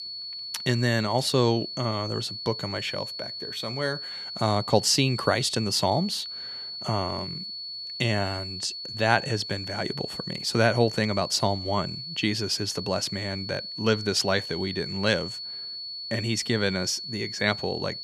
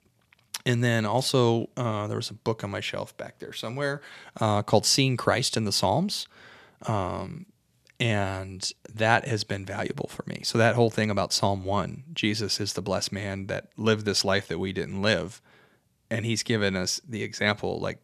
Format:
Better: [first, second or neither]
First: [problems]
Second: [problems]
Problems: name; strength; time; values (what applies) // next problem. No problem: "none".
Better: second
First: high-pitched whine; loud; throughout; 4.5 kHz, 7 dB below the speech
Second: none